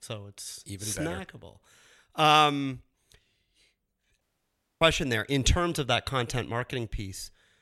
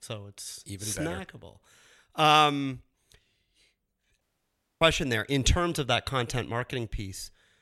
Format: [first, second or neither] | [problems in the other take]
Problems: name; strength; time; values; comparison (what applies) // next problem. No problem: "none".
neither | audio cutting out; at 4 s for 0.5 s; the same in both